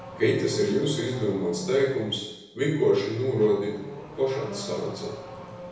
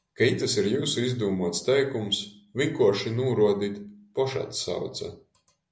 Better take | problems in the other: second | background sound (Accelerating, revving, vroom / Car); 15 dB below the speech // room echo; dies away in 0.9 s

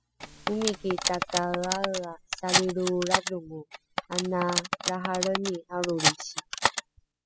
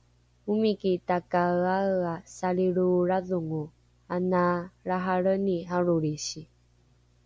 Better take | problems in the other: second | noise reduction (classical method spectral subtraction)

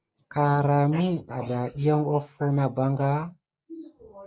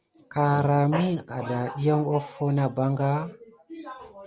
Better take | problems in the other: second | noise reduction (neural mask model Resemble Enhance denoiser)

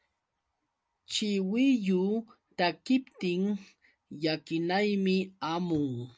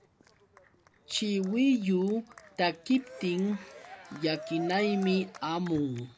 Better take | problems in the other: first | background sound (Cheering); 17 dB below the speech

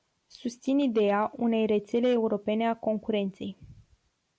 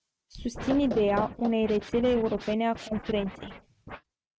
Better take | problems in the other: first | noise reduction (neural mask model RNNoise)

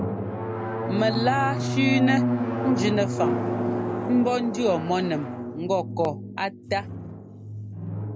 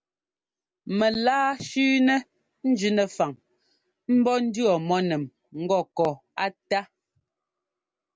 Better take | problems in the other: second | background sound (Drum); 1 dB below the speech

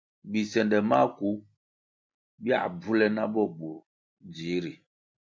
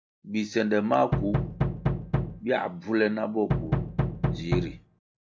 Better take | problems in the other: first | background sound (Knock); 1 dB above the speech

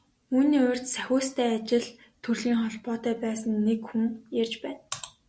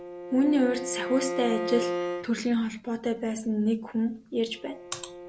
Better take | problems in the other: first | background sound (Bowed string instrument); 8 dB below the speech

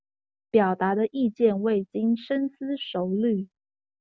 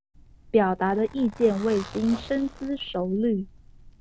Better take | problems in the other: first | background sound (Zipper (clothing)); 18 dB below the speech

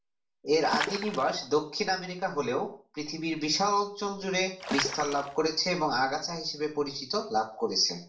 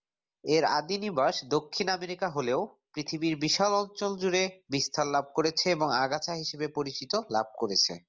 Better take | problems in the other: second | background sound (Water / Splash, splatter); 6 dB below the speech // room echo; dies away in 0.4 s

